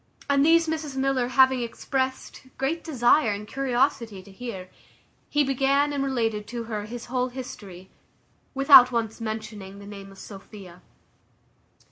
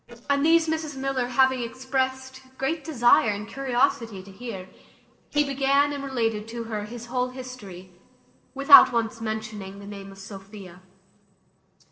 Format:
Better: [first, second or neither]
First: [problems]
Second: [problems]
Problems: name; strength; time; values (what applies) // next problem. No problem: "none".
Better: first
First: none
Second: noise reduction (neural separator model SepFormer DNS4)